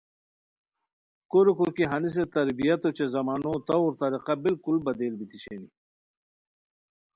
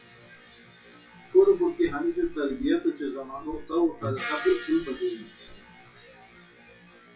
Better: first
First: none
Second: noise reduction (classical method WPE with log-MMSE)

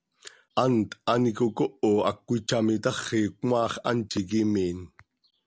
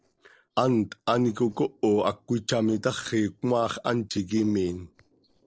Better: first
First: none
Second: noise reduction (neural separator model SepFormer DNS4)

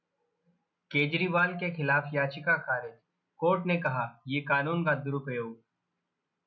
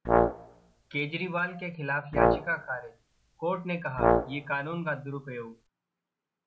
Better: first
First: none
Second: background sound (Brass instrument); 5 dB above the speech

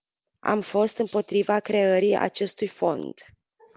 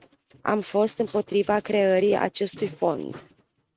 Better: first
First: none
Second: noise reduction (neural mask model RNNoise)

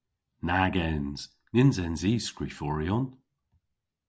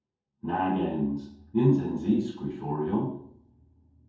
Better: first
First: none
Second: room echo; dies away in 0.7 s

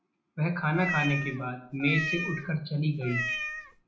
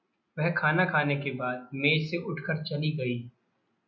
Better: second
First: background sound (Meow); 5 dB below the speech // room echo; dies away in 0.3 s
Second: none

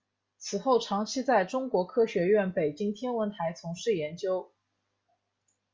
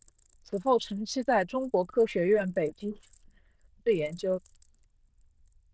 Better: first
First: none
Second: noise reduction (neural diffusion model UNIVERSE++)

